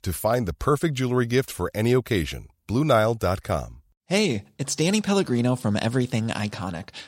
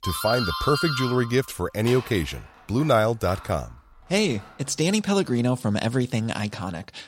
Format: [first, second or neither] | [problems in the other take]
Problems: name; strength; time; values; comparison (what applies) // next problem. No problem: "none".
first | doorbell; noticeable; until 4.5 s; peak 3 dB below the speech